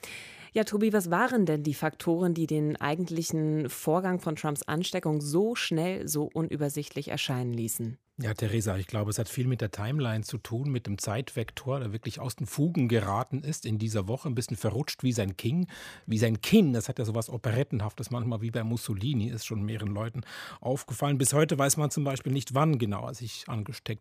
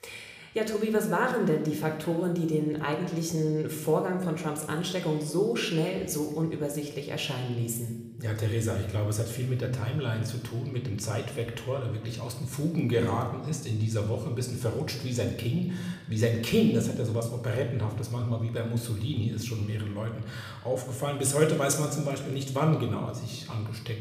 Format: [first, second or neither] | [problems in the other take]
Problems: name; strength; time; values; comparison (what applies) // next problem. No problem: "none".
first | room echo; slight; dies away in 1 s